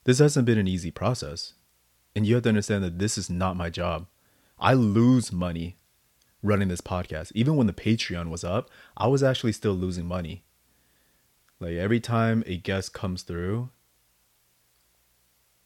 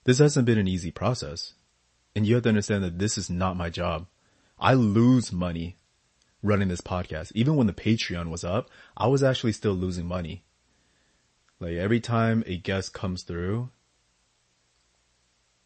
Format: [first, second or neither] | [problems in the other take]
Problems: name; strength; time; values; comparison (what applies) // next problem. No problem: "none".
first | garbled, watery; slightly; nothing above 8 kHz